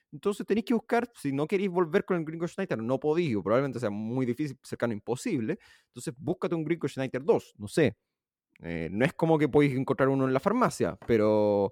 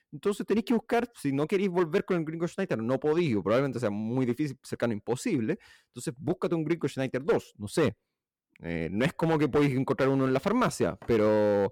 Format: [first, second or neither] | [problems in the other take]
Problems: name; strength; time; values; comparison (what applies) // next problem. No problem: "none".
first | distortion; slight; 5% of the sound clipped